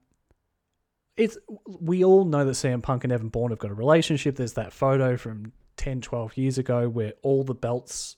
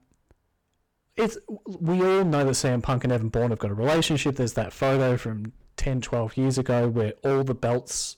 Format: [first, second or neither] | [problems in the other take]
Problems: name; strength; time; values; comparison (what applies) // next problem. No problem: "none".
first | distortion; heavy; 16% of the sound clipped